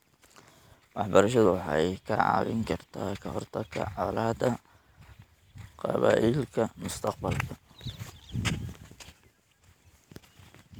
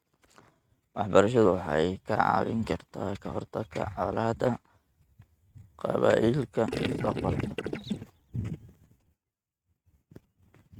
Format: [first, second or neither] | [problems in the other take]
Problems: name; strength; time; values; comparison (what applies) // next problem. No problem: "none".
first | noise reduction (neural mask model RNNoise)